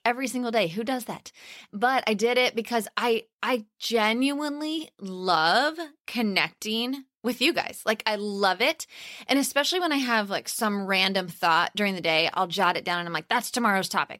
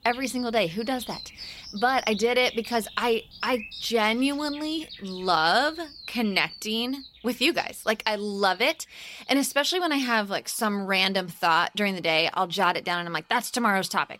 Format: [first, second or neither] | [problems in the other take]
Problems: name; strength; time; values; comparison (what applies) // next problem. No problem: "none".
first | animal sounds; noticeable; throughout; 15 dB below the speech